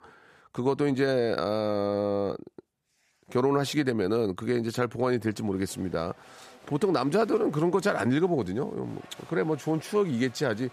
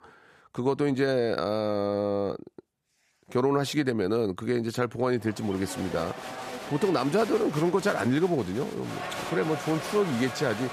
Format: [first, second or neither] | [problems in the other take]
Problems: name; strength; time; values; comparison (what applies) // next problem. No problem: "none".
first | crowd noise; loud; from 5.5 s on; 10 dB below the speech; faint in the first